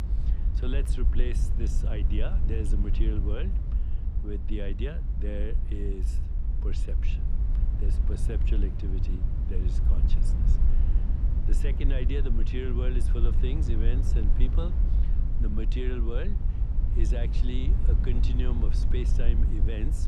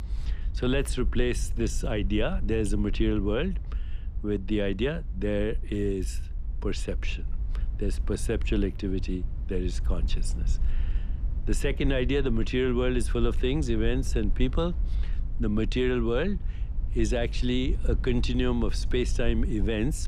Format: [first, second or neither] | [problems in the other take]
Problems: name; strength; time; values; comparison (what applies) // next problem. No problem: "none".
second | low rumble; loud; throughout; 5 dB below the speech; faint in the second